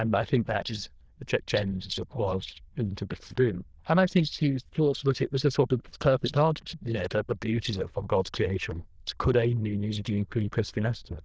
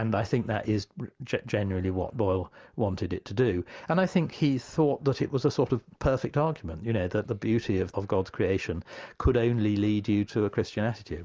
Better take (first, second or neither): second